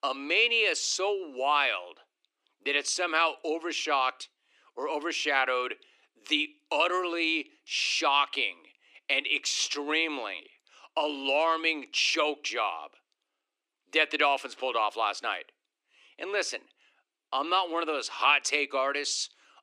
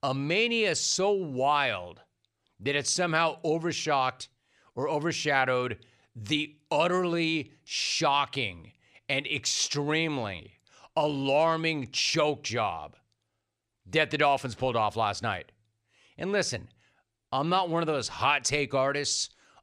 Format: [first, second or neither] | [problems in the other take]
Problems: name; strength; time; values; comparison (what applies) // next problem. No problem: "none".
second | thin; somewhat; fading below 300 Hz